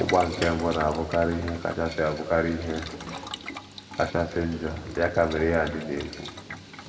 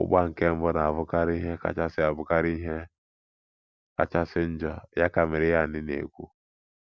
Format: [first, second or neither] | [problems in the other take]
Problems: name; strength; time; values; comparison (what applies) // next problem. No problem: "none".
second | background sound (Boiling); 12 dB below the speech // room echo; dies away in 1.5 s